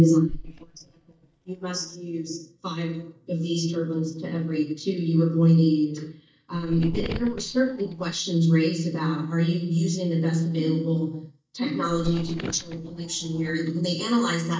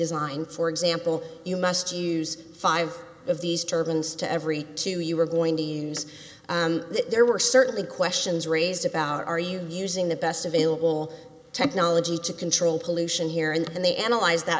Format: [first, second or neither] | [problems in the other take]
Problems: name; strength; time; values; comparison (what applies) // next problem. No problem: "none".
second | noise reduction (neural mask model DeepFilterNet 3)